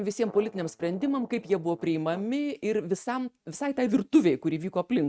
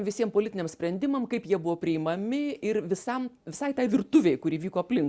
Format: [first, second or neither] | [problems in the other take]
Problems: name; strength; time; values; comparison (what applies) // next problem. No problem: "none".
second | noise reduction (neural mask model RNNoise)